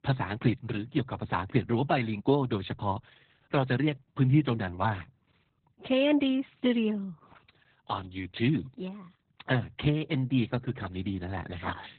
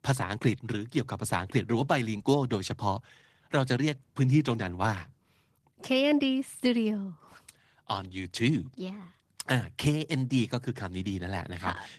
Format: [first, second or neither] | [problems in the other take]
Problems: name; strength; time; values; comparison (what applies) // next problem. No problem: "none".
second | garbled, watery; badly; nothing above 4 kHz; slightly in the second